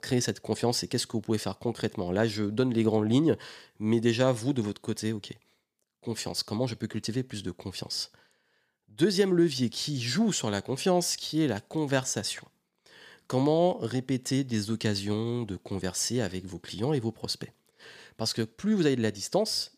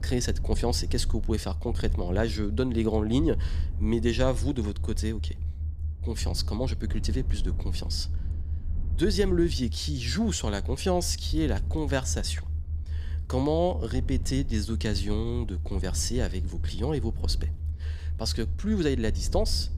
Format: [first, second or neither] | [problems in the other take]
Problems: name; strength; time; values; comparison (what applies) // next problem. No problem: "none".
first | low rumble; noticeable; throughout; 20 dB below the speech